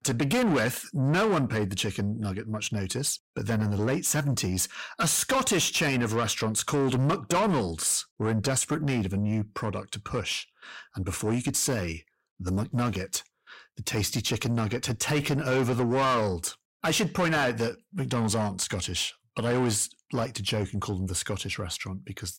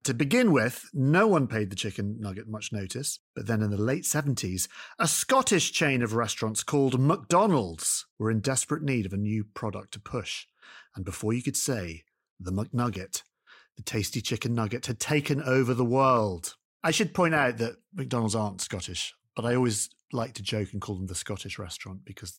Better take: second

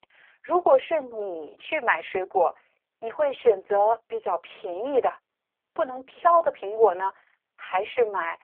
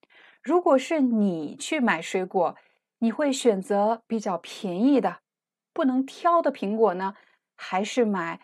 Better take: second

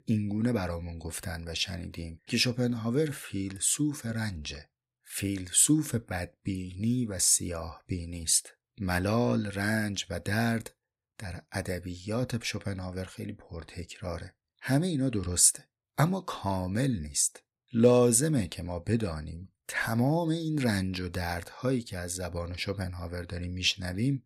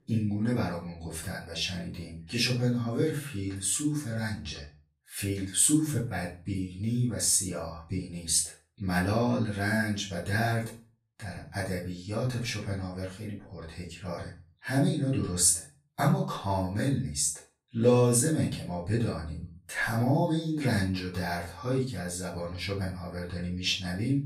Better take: first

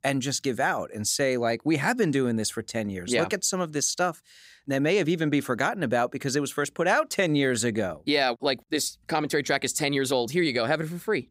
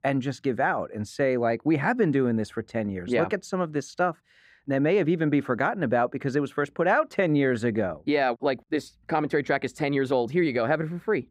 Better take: first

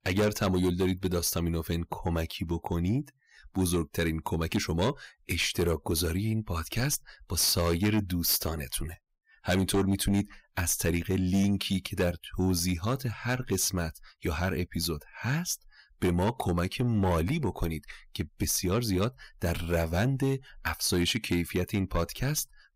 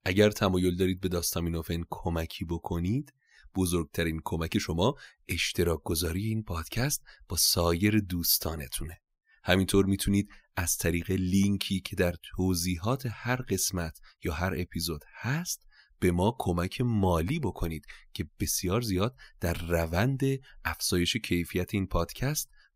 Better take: second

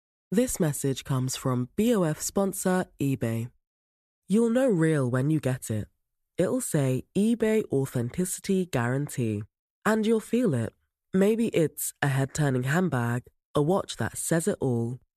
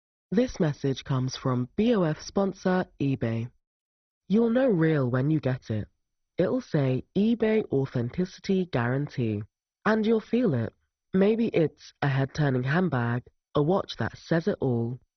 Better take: first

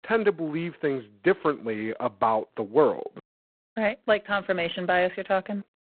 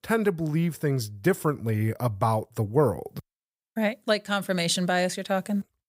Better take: second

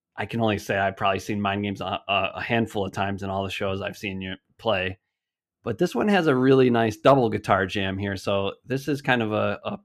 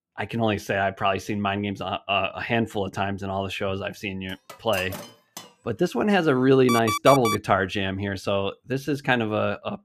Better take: first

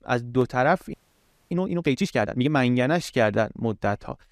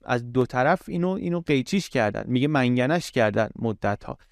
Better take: second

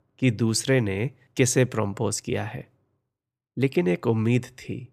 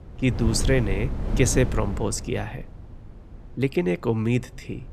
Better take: first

